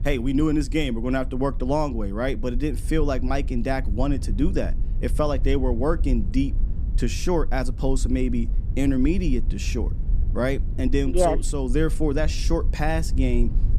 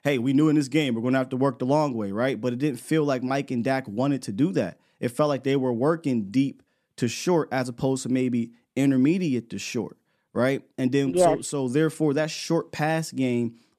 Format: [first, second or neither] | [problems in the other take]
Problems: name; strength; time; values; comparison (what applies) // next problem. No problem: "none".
second | low rumble; noticeable; throughout; 20 dB below the speech